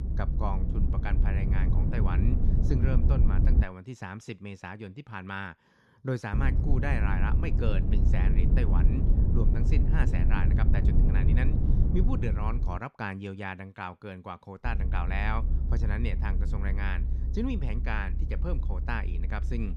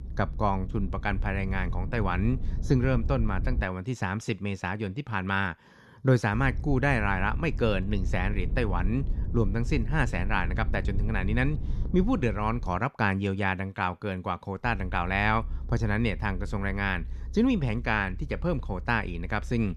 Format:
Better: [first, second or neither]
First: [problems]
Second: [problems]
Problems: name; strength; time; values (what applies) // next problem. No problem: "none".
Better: second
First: low rumble; loud; until 3.5 s, from 6.5 to 13 s and from 15 s on; 5 dB below the speech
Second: low rumble; faint; until 3.5 s, from 6.5 to 13 s and from 15 s on; 20 dB below the speech